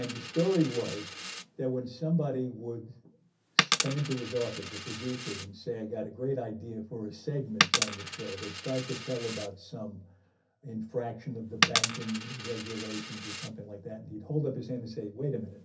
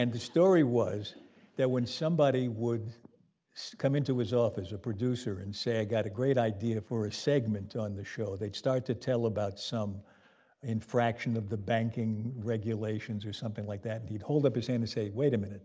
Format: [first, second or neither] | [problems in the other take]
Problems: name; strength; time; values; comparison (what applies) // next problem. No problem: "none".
second | background sound (Coin (dropping)); 1 dB below the speech // room echo; dies away in 0.3 s